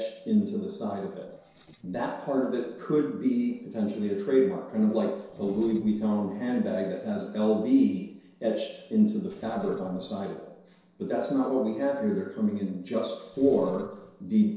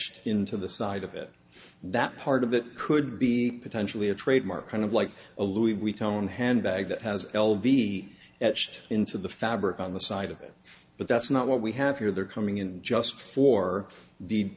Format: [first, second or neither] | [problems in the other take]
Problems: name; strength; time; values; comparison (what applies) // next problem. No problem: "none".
second | noise reduction (neural separator model SepFormer DNS4)